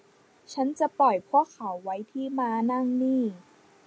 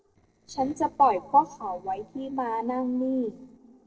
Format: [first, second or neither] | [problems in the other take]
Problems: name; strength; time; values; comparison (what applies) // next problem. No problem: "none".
first | noise reduction (neural separator model SepFormer DNS4)